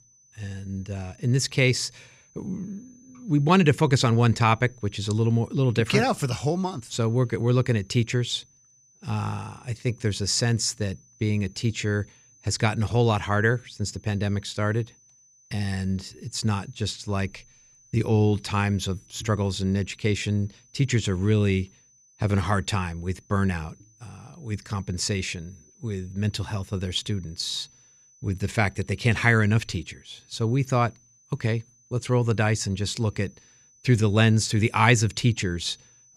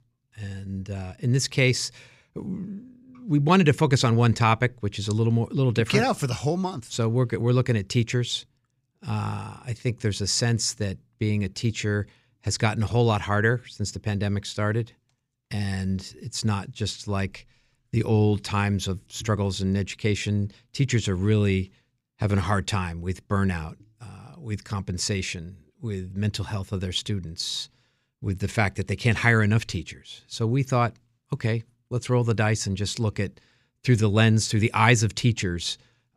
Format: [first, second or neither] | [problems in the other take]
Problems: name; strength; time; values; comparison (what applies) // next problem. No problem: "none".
second | high-pitched whine; faint; throughout; 6 kHz, 30 dB below the speech